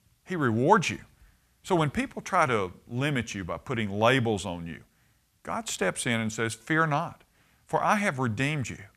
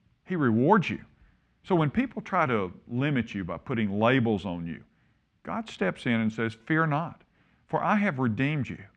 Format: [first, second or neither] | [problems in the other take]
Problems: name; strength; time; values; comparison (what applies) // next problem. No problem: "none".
first | muffled; slightly; fading above 2.5 kHz